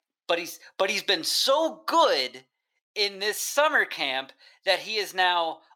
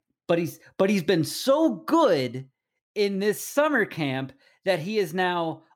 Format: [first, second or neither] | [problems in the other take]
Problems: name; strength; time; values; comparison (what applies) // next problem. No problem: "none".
second | thin; very; fading below 650 Hz